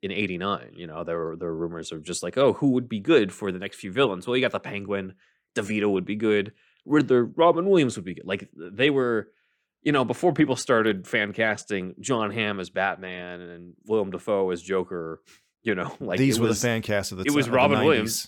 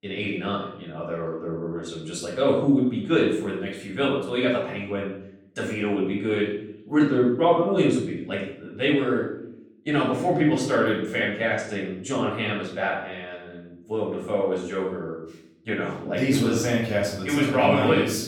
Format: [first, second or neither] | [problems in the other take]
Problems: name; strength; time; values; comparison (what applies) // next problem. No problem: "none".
first | off-mic speech; far // room echo; noticeable; dies away in 0.6 s